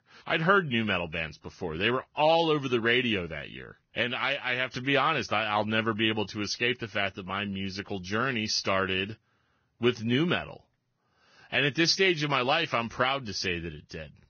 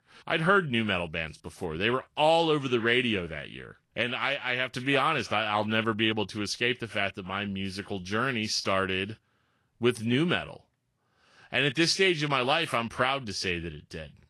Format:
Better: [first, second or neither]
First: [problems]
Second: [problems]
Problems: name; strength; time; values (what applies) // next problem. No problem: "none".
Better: second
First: garbled, watery; badly; nothing above 6.5 kHz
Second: garbled, watery; slightly